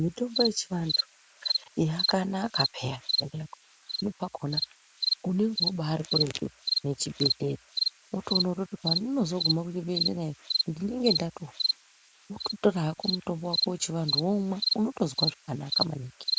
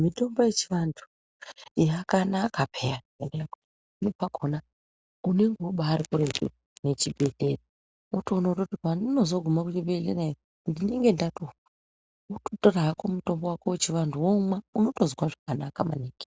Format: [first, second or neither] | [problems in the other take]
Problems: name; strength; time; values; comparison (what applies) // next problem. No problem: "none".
second | background sound (Cricket); 2 dB below the speech